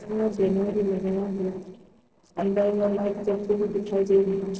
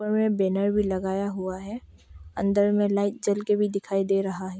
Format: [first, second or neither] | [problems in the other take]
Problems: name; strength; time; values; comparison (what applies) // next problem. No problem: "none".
second | noise reduction (neural separator model SepFormer DNS4)